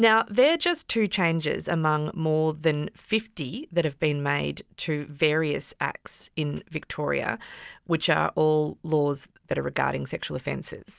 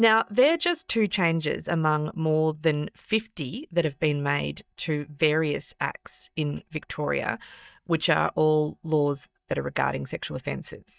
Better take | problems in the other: first | noise reduction (neural mask model DeepFilterNet 3)

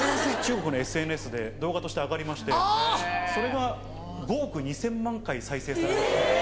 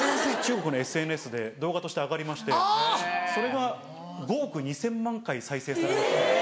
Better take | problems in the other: second | background sound (Engine); 13 dB below the speech

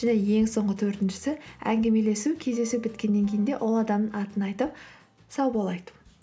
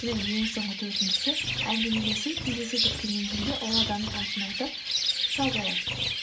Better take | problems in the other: first | background sound (Bird); 3 dB above the speech // room echo; dies away in 0.2 s

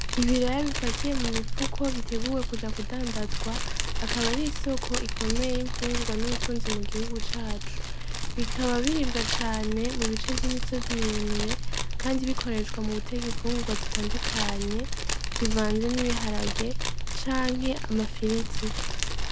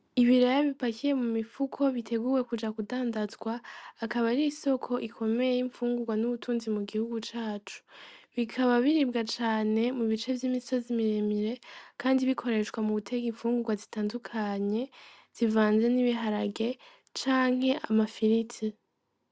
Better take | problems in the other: second | background sound (Fire); 4 dB above the speech

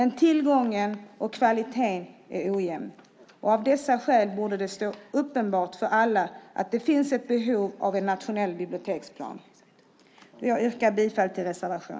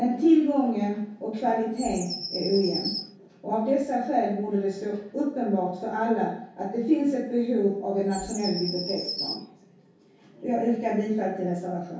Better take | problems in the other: first | background sound (Bird vocalization, bird call, bird song); 11 dB below the speech // room echo; dies away in 0.6 s

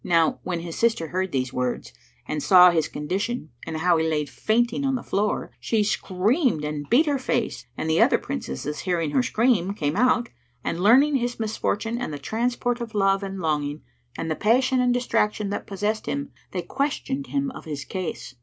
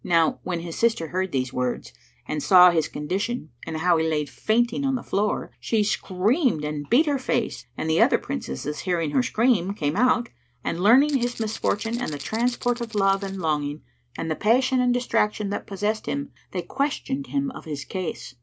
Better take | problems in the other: first | background sound (Rattle (instrument)); 16 dB below the speech

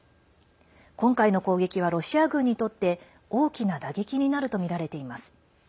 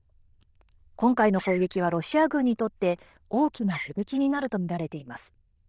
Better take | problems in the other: first | noise reduction (neural diffusion model UNIVERSE++)

